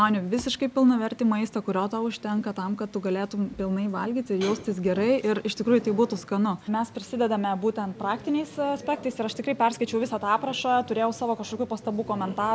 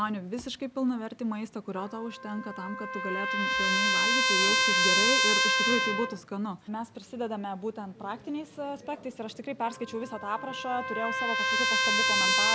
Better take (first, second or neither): first